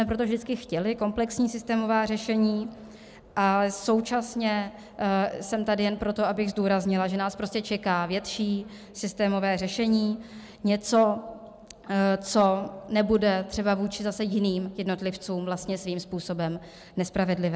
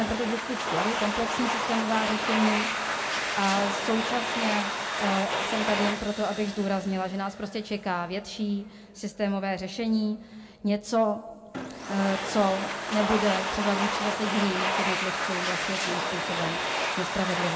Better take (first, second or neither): first